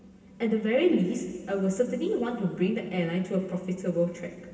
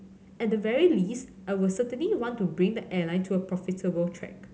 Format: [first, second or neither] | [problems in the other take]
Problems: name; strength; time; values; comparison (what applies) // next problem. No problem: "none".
second | room echo; dies away in 2 s